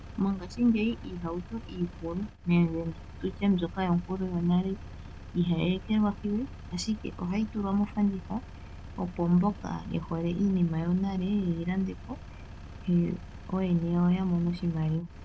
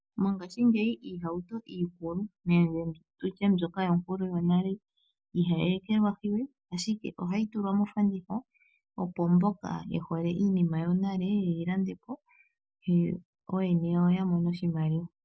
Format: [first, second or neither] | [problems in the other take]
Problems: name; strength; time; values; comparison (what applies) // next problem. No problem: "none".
second | background sound (Engine); 14 dB below the speech